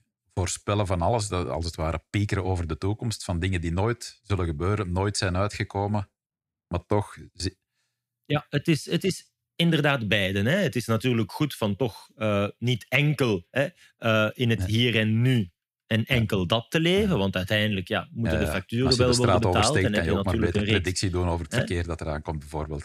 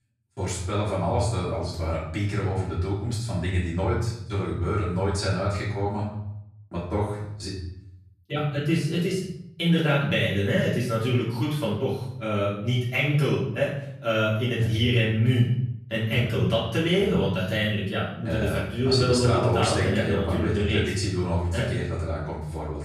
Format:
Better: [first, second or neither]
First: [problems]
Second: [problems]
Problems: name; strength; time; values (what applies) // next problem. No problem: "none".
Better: first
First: none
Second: room echo; noticeable; dies away in 0.7 s // off-mic speech; far